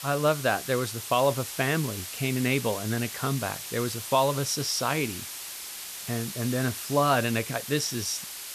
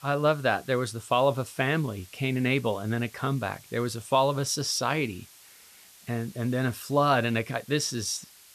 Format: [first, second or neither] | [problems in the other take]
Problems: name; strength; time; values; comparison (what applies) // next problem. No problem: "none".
second | hiss; loud; throughout; 8 dB below the speech; faint in the second